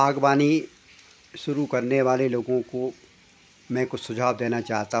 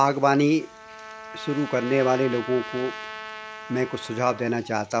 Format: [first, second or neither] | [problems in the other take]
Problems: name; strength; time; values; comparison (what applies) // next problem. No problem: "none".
first | background sound (Trumpet); 14 dB below the speech